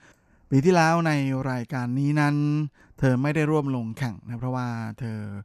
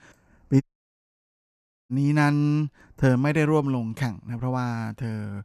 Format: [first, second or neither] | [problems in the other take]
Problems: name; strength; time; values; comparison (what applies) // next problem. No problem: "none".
first | audio cutting out; at 0.5 s for 1.5 s